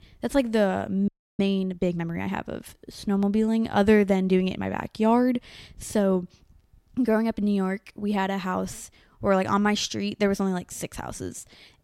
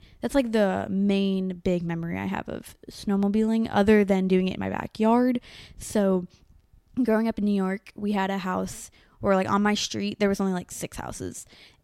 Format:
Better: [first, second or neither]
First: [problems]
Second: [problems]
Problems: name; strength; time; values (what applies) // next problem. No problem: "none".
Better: second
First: audio freezing; at 1 s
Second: none